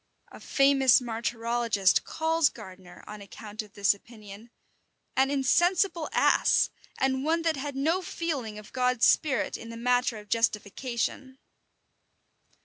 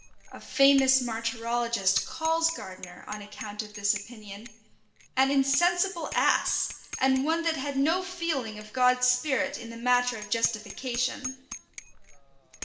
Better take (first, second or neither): first